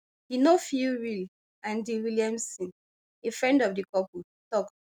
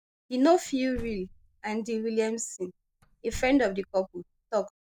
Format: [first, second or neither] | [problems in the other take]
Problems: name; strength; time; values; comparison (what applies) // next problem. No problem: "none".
first | noise reduction (neural mask model DeepFilterNet 3)